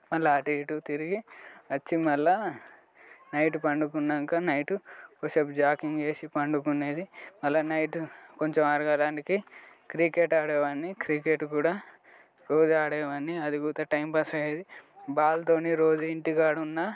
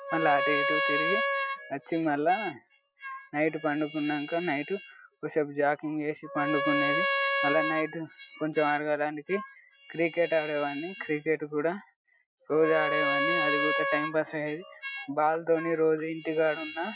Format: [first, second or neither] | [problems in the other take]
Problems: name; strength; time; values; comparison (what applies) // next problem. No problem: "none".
first | noise reduction (classical method Wiener filter)